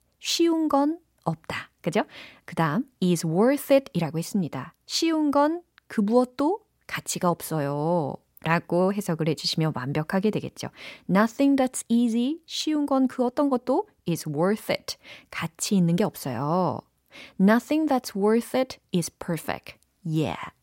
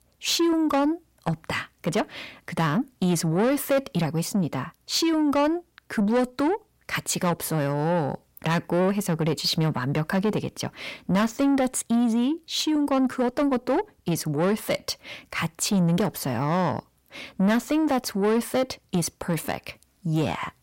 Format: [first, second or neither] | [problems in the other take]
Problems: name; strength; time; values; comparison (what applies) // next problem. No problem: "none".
first | distortion; slight; 10 dB below the speech